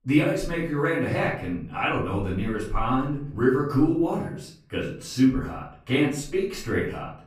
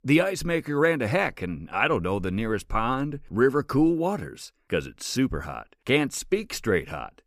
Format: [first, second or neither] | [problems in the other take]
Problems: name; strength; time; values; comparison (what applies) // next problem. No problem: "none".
second | off-mic speech; far // room echo; noticeable; dies away in 0.5 s